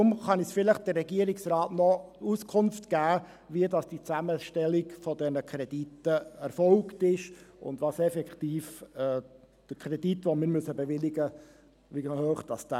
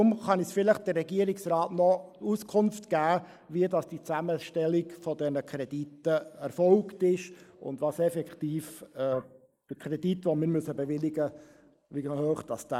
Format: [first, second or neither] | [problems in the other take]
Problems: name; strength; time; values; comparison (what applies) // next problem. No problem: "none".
first | noise reduction (neural mask model Resemble Enhance denoiser)